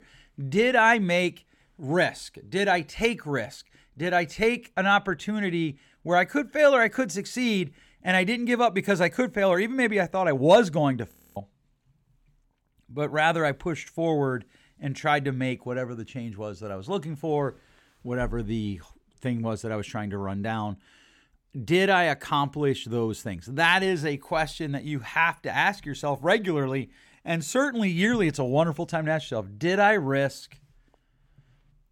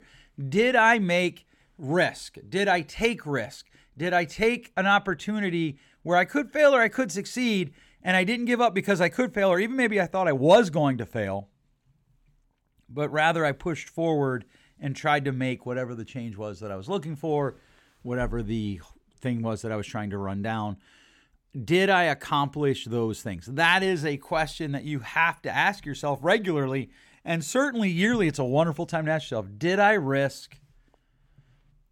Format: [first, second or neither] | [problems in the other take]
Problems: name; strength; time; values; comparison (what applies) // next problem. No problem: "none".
second | audio freezing; at 11 s